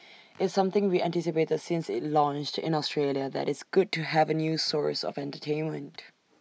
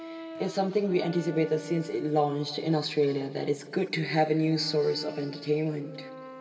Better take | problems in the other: first | background sound (Brass instrument); 16 dB below the speech // room echo; dies away in 2.7 s

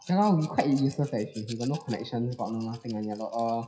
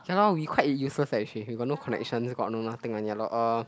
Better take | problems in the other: second | noise reduction (classical method WPE with log-MMSE)

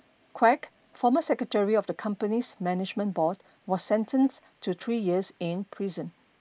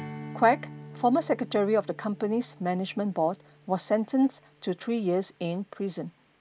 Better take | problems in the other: first | background sound (Strum); 18 dB below the speech

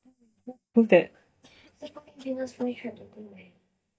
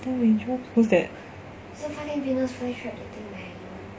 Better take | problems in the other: second | noise reduction (neural mask model DeepFilterNet 3)

